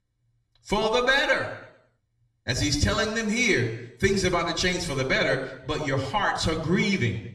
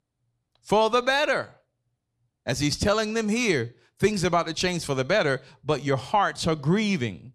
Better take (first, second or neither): second